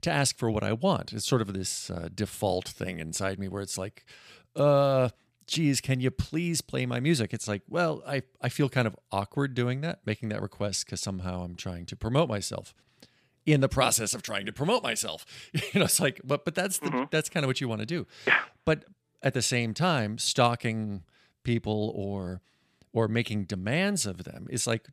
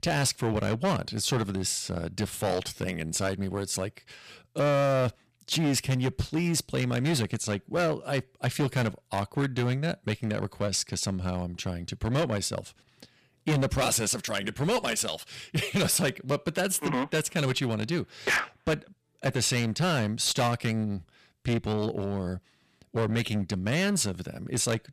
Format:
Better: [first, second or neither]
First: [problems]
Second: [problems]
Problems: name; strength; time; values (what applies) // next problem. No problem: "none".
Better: first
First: none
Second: distortion; heavy; 10% of the sound clipped